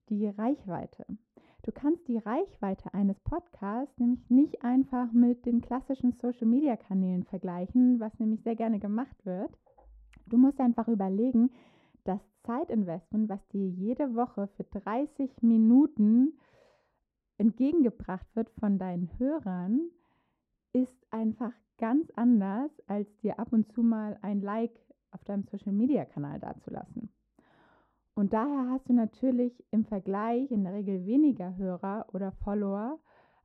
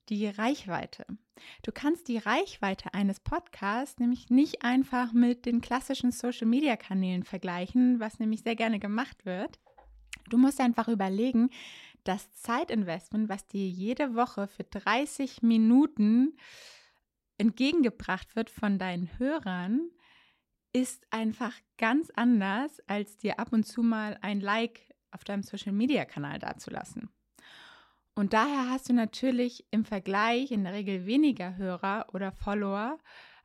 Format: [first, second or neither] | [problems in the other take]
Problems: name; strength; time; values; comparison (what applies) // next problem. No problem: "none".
second | muffled; very; fading above 1.5 kHz